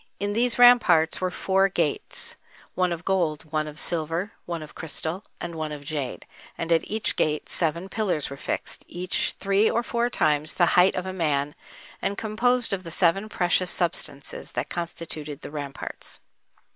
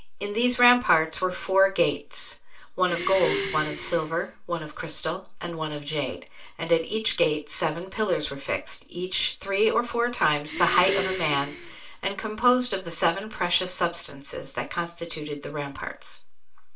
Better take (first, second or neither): first